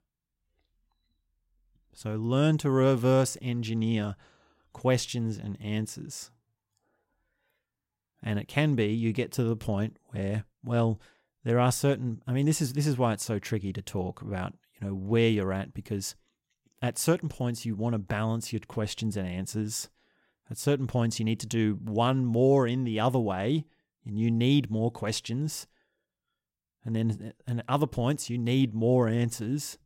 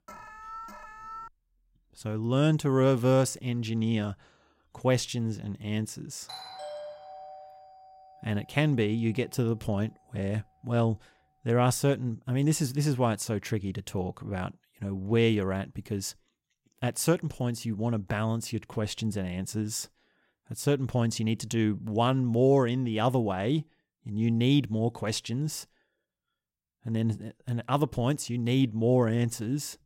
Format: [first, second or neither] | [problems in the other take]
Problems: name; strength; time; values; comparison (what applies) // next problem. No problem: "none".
first | alarm; faint; until 1.5 s; peak 15 dB below the speech // doorbell; faint; from 6.5 to 8.5 s; peak 10 dB below the speech